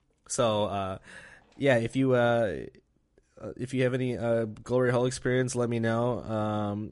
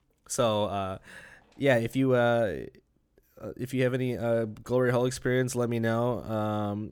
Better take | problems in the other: second | garbled, watery; slightly; nothing above 11 kHz

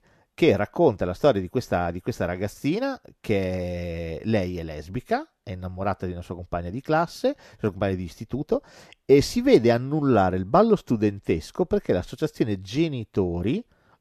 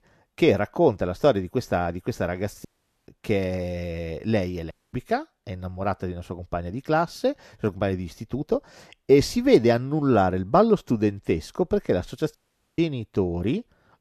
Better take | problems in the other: first | audio cutting out; at 2.5 s, at 4.5 s and at 12 s

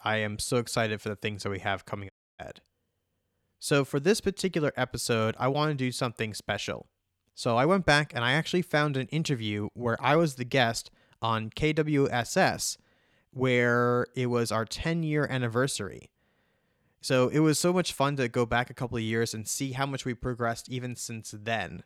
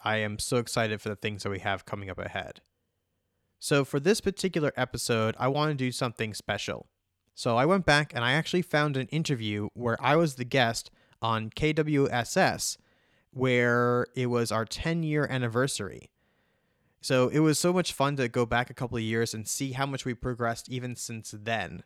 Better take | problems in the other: second | audio cutting out; at 2 s

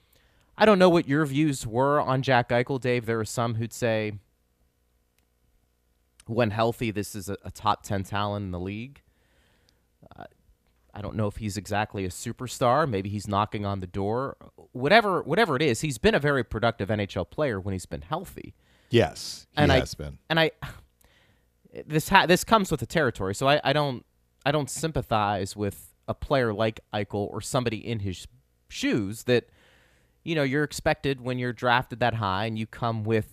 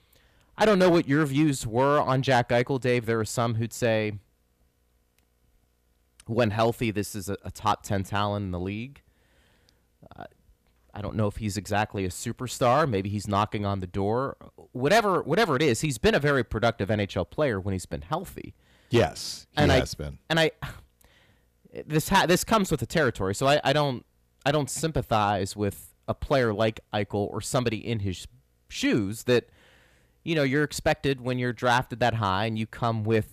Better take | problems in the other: first | distortion; slight; 2% of the sound clipped

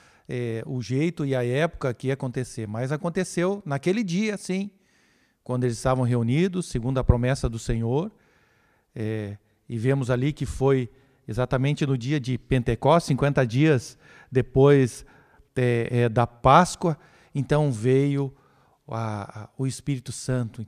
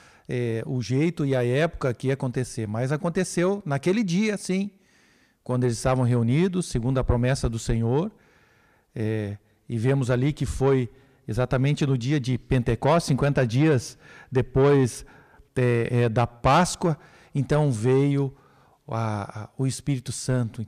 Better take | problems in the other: first | distortion; slight; 10 dB below the speech

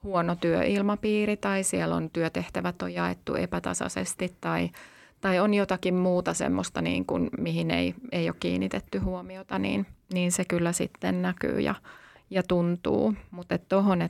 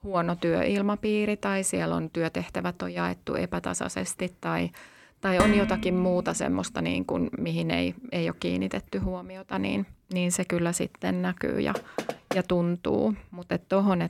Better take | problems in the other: first | clattering dishes; loud; at 5.5 s; peak 3 dB above the speech // door banging; noticeable; at 12 s; peak 6 dB below the speech

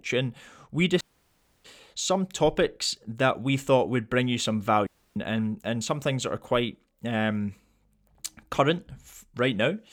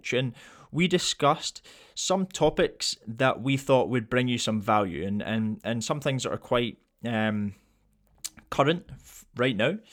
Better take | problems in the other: second | audio cutting out; at 1 s for 0.5 s and at 5 s

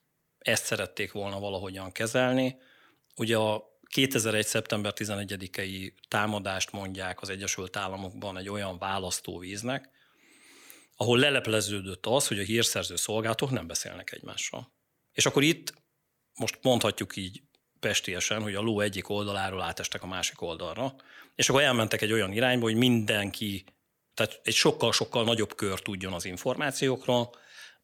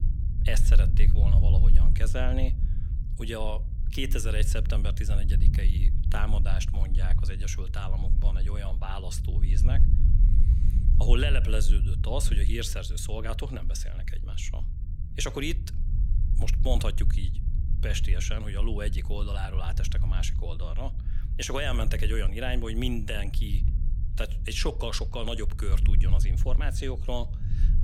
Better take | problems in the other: first | low rumble; noticeable; throughout; 10 dB below the speech

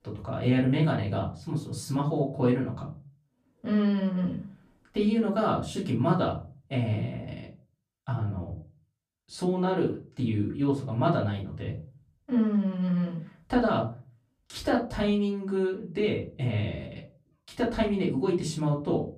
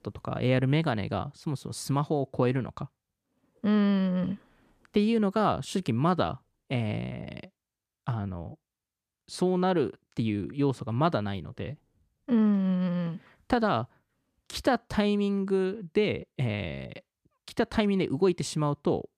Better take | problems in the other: second | off-mic speech; far // room echo; very slight; dies away in 0.3 s

